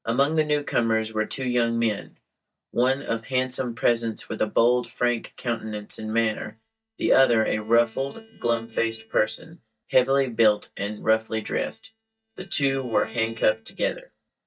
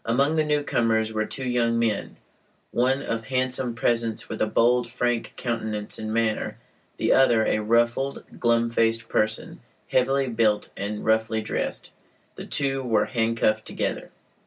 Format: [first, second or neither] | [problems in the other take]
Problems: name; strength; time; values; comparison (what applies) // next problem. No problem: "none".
second | noise reduction (neural mask model DeepFilterNet 3)